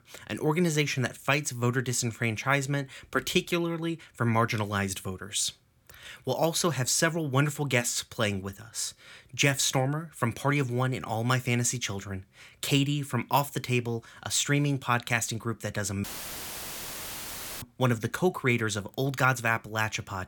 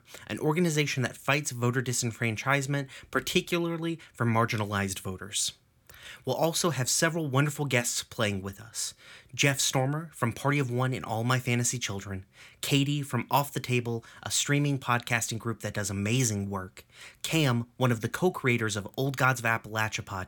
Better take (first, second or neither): second